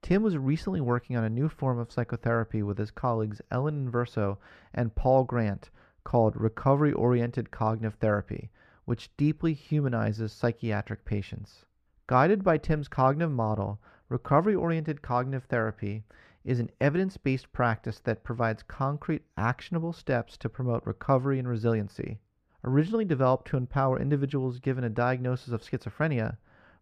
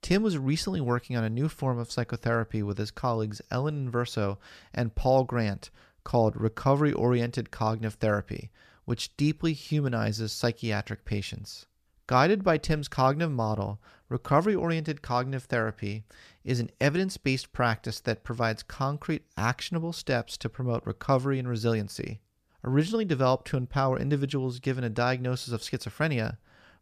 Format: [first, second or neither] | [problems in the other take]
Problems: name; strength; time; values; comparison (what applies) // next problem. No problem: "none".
second | muffled; slightly; fading above 3 kHz